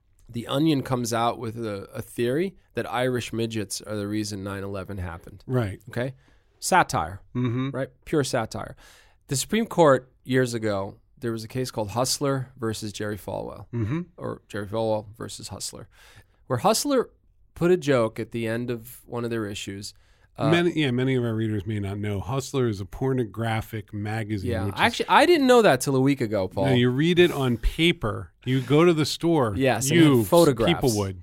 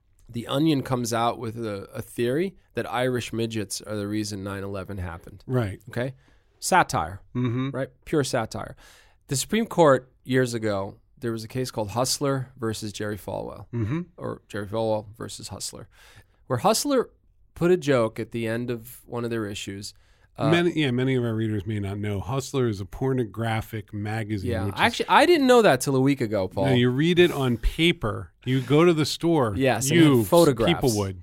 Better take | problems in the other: neither | none

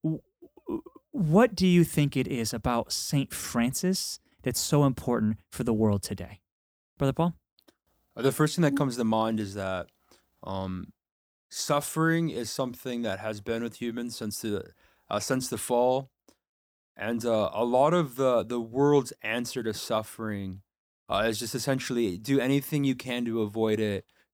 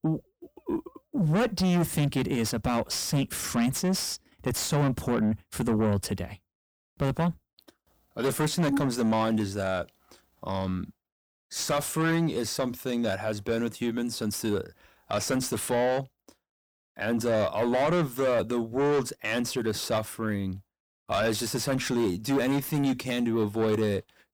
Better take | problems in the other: first | distortion; heavy; 7 dB below the speech

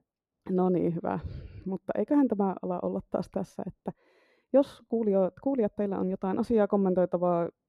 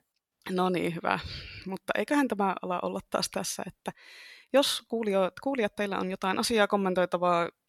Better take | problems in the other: second | muffled; very; fading above 1 kHz

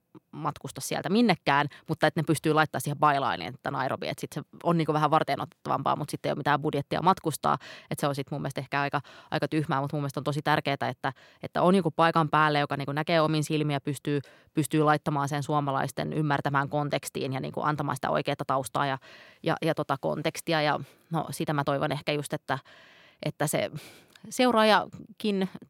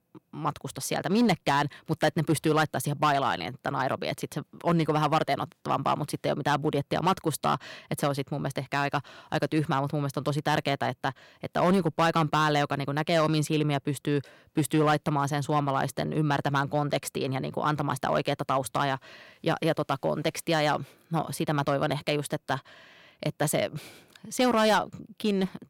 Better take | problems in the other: first | distortion; slight; 3% of the sound clipped

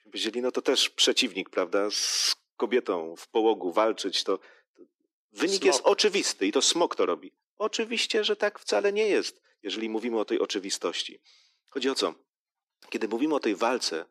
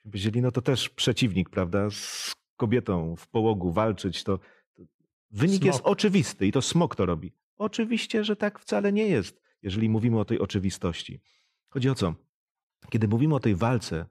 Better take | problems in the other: second | thin; somewhat; fading below 300 Hz

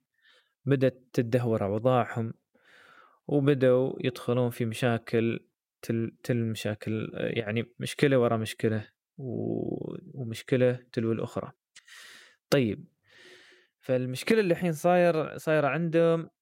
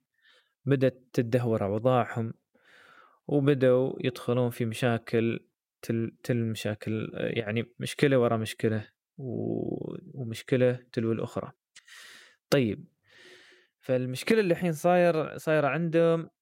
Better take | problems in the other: neither | none

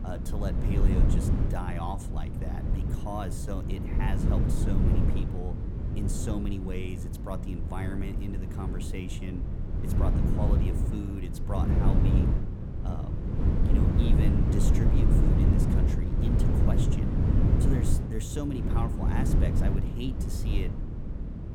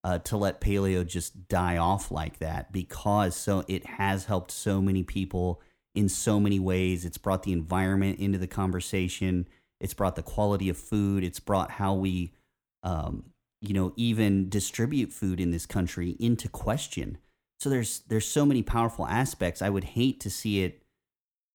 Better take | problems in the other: second | wind noise on the microphone; heavy; 2 dB above the speech

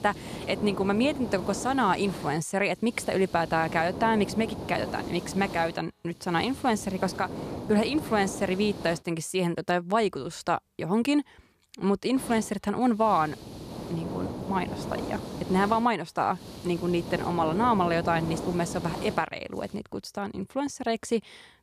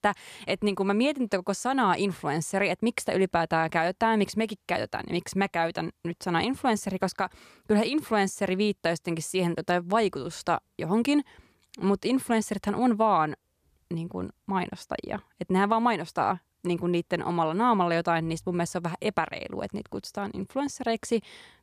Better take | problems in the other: second | hiss; loud; until 9 s and from 12 to 20 s; 10 dB below the speech

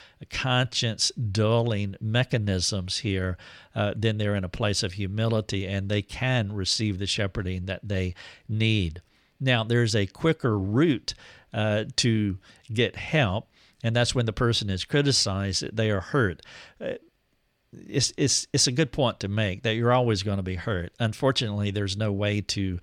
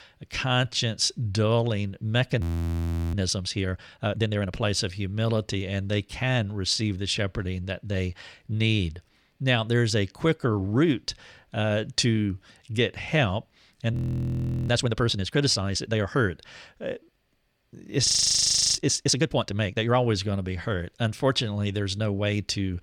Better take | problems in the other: first | audio freezing; at 2.5 s for 0.5 s, at 14 s for 0.5 s and at 18 s for 0.5 s

